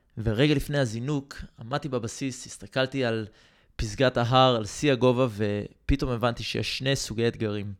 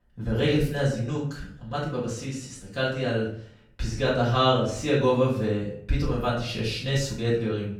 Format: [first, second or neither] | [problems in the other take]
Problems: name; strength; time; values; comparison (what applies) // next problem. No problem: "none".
first | off-mic speech; far // room echo; noticeable; dies away in 0.5 s